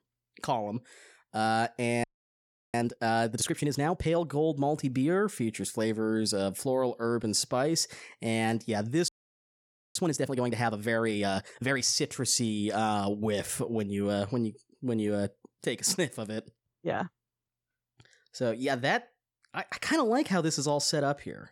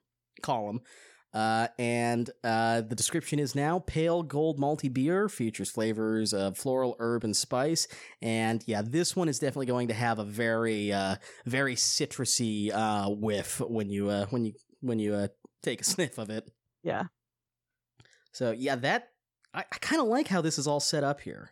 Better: second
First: audio freezing; at 2 s for 0.5 s and at 9 s for 1 s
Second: none

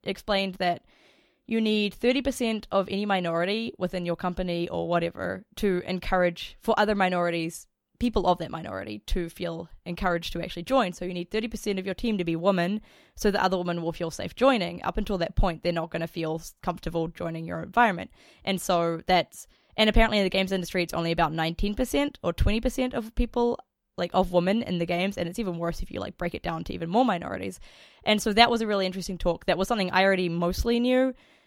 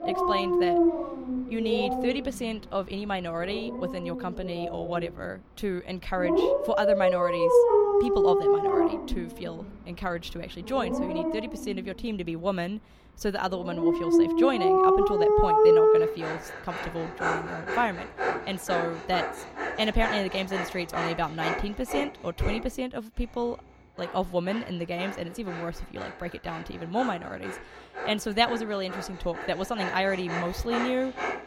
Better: first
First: none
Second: animal sounds; very loud; throughout; 5 dB above the speech

